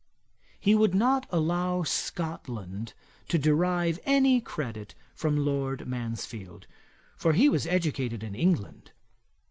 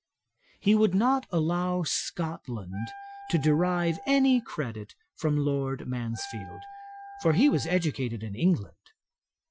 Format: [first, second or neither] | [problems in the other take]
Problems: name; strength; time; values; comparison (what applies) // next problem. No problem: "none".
first | noise reduction (classical method Wiener filter)